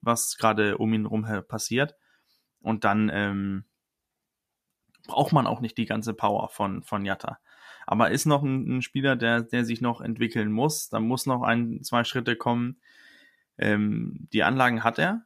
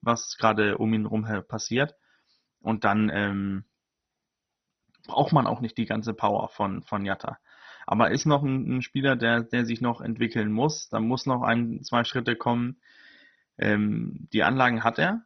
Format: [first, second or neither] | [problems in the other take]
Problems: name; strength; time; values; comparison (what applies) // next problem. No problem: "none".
first | garbled, watery; badly; nothing above 6 kHz